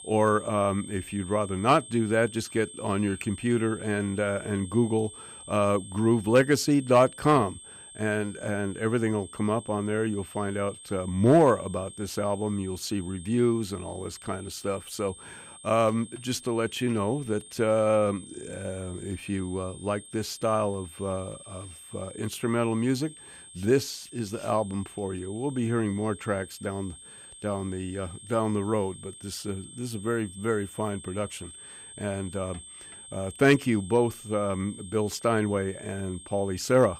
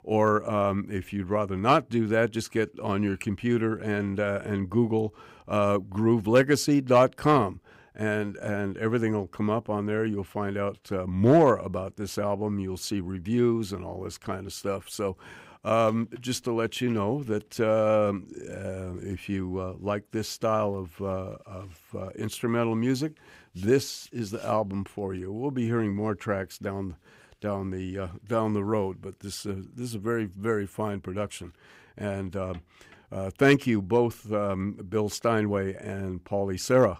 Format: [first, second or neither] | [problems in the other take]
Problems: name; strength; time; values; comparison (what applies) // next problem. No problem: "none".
second | high-pitched whine; noticeable; throughout; 8.5 kHz, 15 dB below the speech